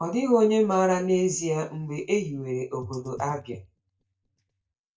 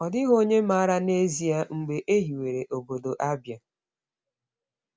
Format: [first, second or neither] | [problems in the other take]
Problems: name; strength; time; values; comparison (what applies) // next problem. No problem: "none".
second | noise reduction (neural mask model DeepFilterNet 3)